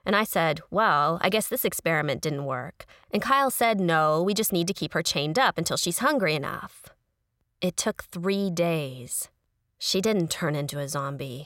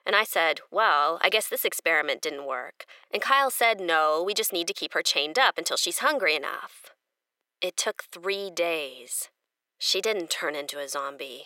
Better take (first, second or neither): first